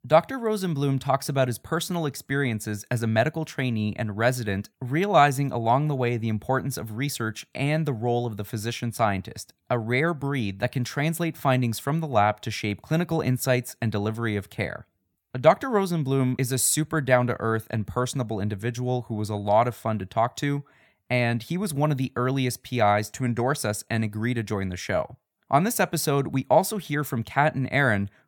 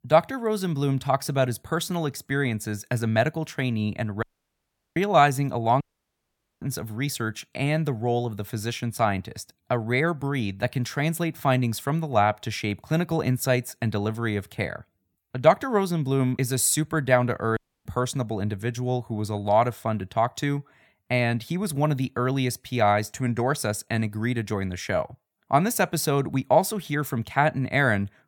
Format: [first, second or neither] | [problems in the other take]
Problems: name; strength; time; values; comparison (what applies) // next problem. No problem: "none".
first | audio cutting out; at 4 s for 0.5 s, at 6 s for 1 s and at 18 s